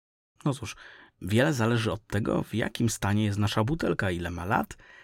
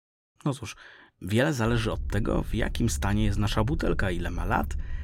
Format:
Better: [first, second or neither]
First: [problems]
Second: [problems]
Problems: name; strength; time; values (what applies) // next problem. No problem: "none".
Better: first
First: none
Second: low rumble; faint; from 1.5 s on; 25 dB below the speech